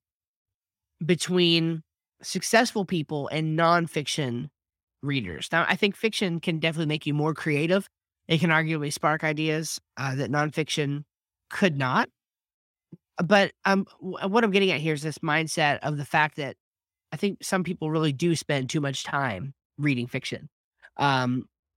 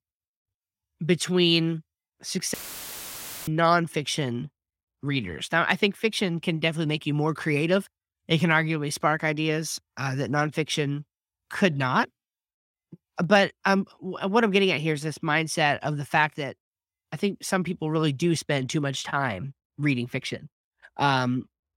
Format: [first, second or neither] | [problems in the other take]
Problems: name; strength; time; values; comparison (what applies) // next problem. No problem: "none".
first | audio cutting out; filled with static; at 2.5 s for 1 s